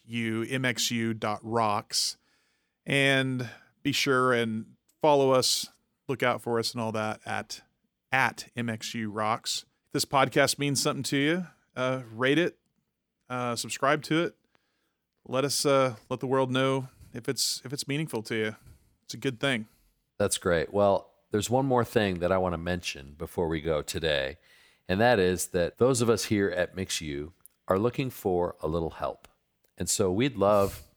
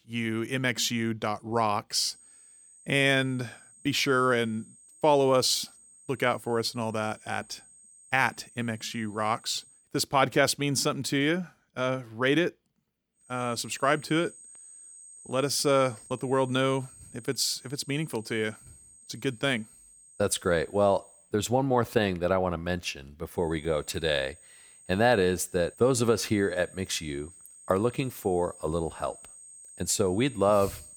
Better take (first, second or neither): first